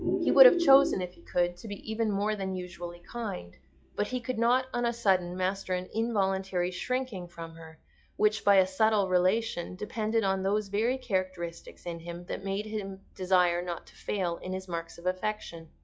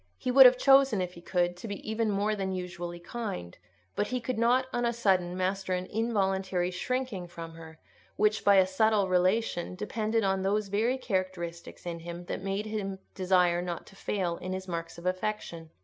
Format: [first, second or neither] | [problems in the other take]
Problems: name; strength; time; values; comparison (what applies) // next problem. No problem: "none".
second | noise reduction (classical method log-MMSE)